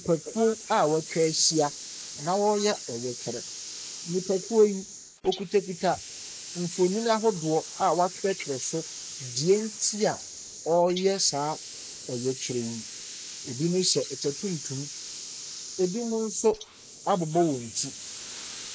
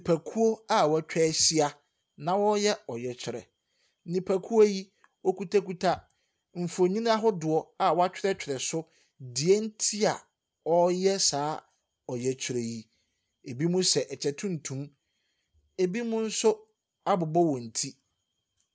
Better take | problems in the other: second | noise reduction (neural mask model Resemble Enhance denoiser)

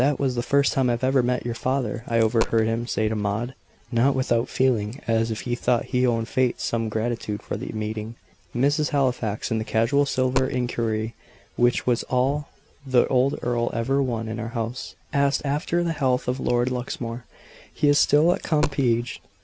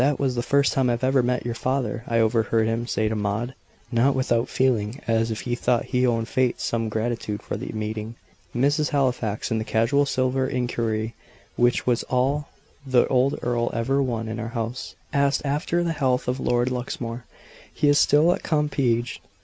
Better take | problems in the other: second | background sound (Coin (dropping)); 10 dB below the speech

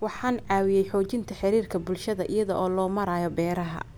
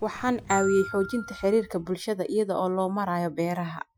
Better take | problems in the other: first | noise reduction (classical method Wiener filter)

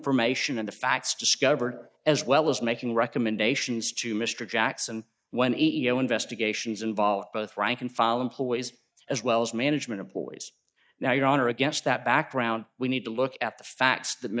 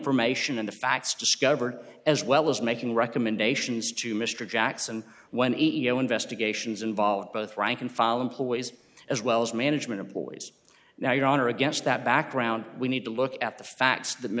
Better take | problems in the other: second | noise reduction (neural mask model DeepFilterNet 3)

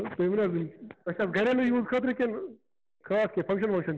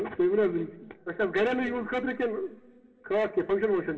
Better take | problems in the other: first | room echo; dies away in 1.9 s

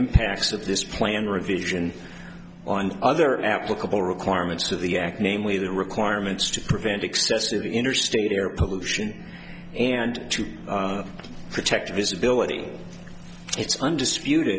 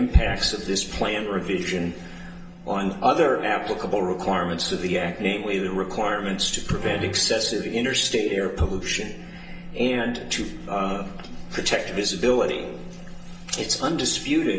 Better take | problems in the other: first | background sound (Musical instrument); 11 dB below the speech // room echo; dies away in 0.7 s

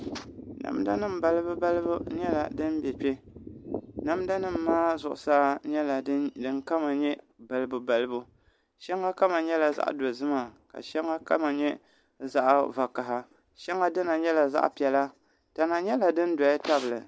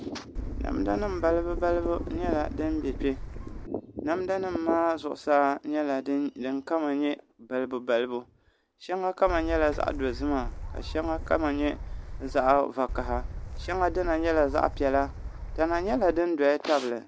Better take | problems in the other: first | background sound (Gull, seagull / Wind); 7 dB below the speech

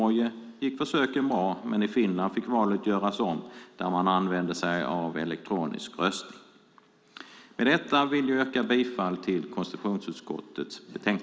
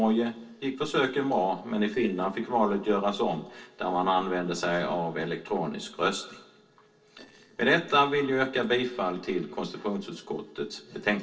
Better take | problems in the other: first | noise reduction (neural separator model SepFormer DNS4)

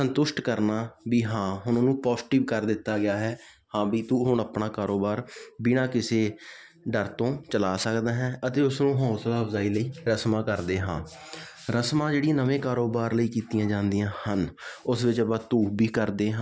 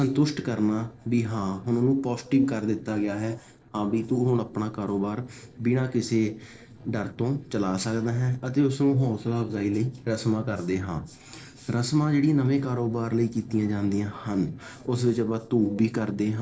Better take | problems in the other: first | noise reduction (neural separator model SepFormer DNS4)

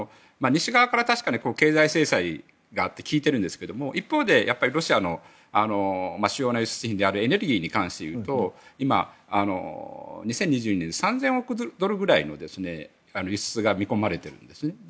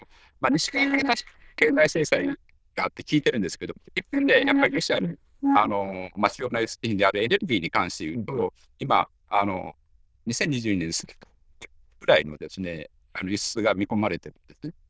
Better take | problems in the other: first | noise reduction (neural diffusion model UNIVERSE++)

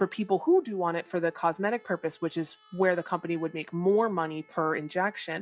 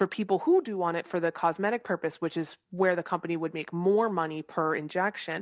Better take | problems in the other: second | noise reduction (classical method log-MMSE)

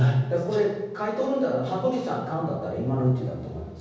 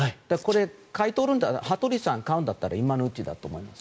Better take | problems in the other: second | room echo; dies away in 1.1 s

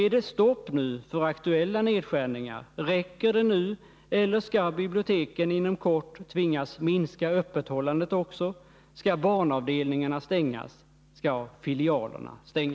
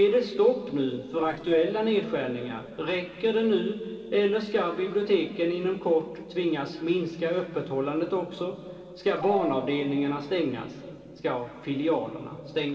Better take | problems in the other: first | noise reduction (neural separator model SepFormer DNS4)

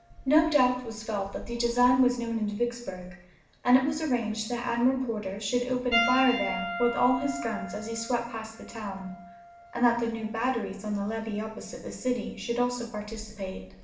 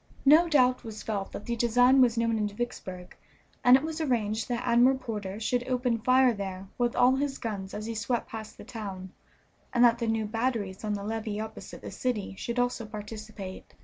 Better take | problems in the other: second | background sound (Piano); 12 dB below the speech // room echo; dies away in 0.6 s

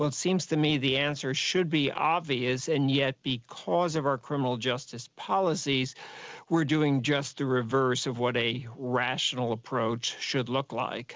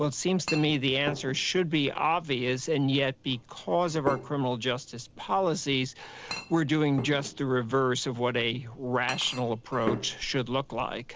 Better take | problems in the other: first | background sound (Chink, clink); 13 dB below the speech

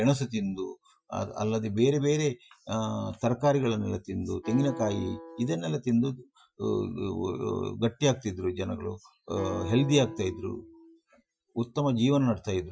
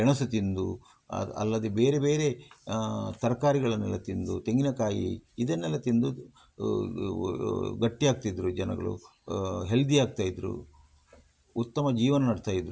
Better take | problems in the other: second | noise reduction (classical method Wiener filter)

